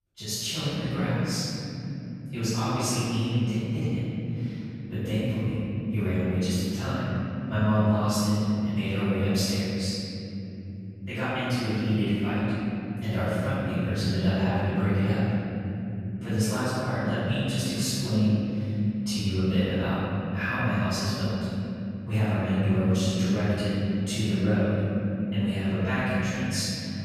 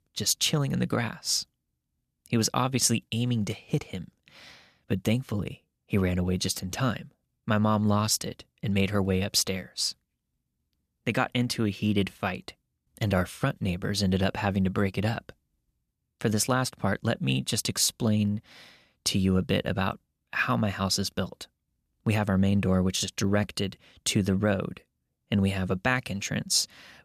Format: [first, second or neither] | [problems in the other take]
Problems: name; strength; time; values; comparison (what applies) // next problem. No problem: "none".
second | off-mic speech; far // room echo; strong; dies away in 3 s